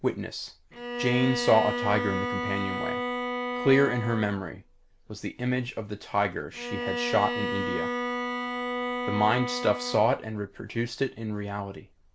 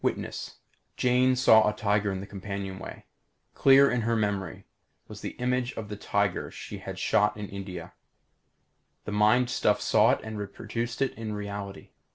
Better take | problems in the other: second | background sound (Bowed string instrument); 5 dB below the speech

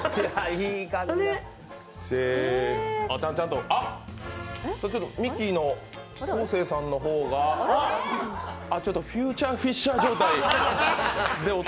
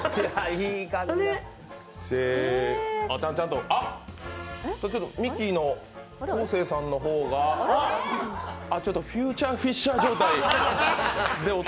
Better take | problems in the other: second | background sound (Electric guitar); 18 dB below the speech

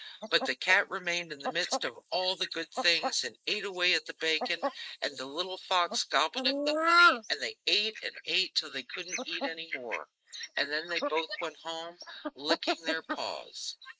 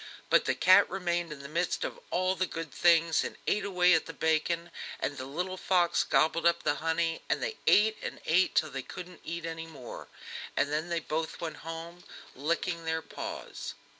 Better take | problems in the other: second | noise reduction (neural mask model Resemble Enhance denoiser)

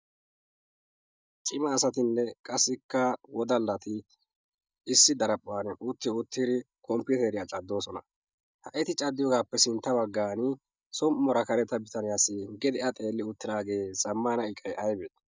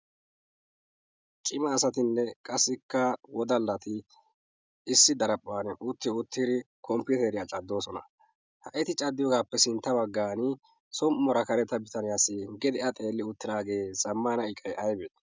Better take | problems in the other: second | noise reduction (neural mask model DeepFilterNet 3)

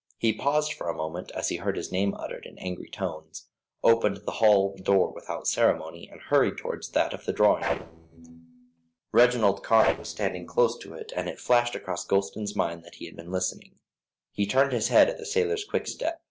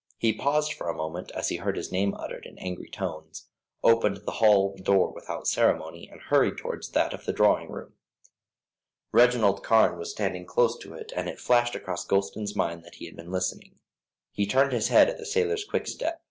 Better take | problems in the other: second | noise reduction (neural separator model SepFormer DNS4)

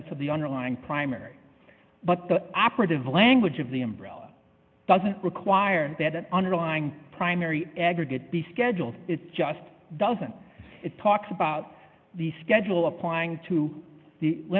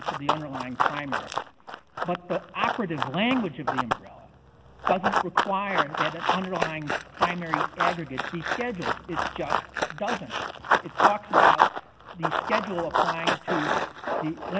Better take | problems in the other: first | background sound (Run); 5 dB above the speech

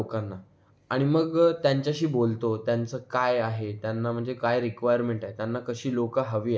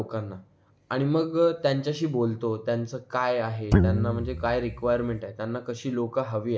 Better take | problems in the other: first | background sound (Guitar); 2 dB above the speech

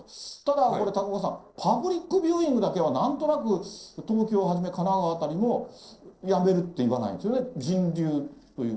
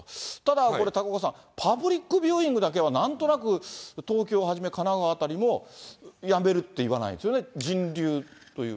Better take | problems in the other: second | noise reduction (neural separator model SepFormer DNS4)

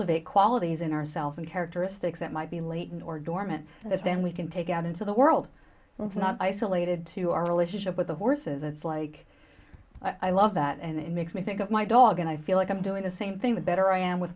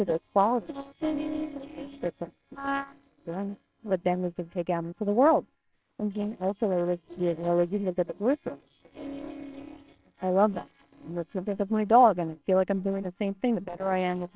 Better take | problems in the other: first | noise reduction (neural separator model SepFormer WHAMR!)

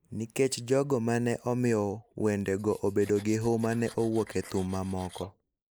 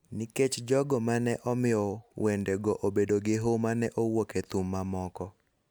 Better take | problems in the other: second | noise reduction (neural mask model Resemble Enhance denoiser)

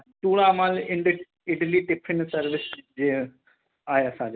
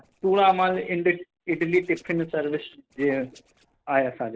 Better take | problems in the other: first | noise reduction (neural separator model SepFormer DNS4)

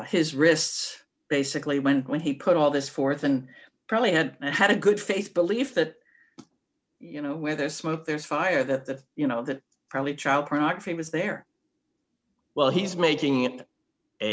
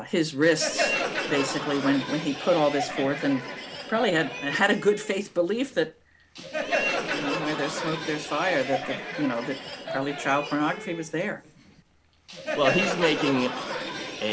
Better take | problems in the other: first | background sound (Crowd); 5 dB below the speech

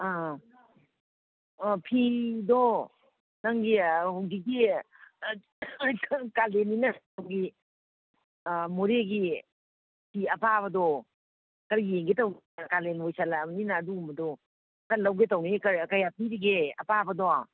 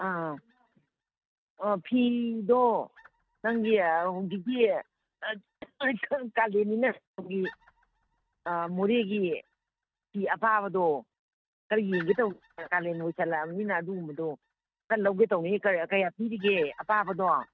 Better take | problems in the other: first | noise reduction (neural mask model RNNoise)

